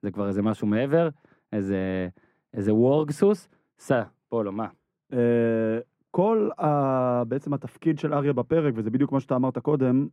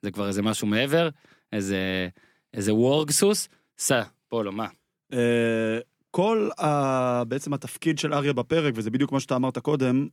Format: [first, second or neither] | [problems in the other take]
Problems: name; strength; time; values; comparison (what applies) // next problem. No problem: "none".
second | muffled; very; fading above 2.5 kHz